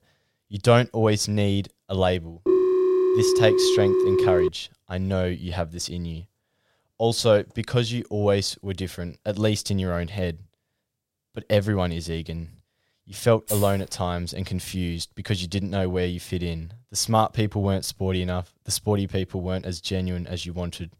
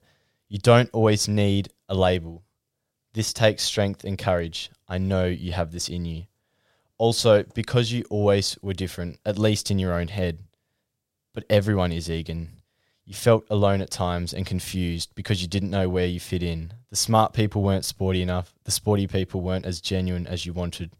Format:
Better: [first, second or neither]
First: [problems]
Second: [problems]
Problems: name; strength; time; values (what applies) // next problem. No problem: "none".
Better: second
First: phone ringing; loud; from 2.5 to 4.5 s; peak 6 dB above the speech // jangling keys; noticeable; at 13 s; peak 5 dB below the speech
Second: none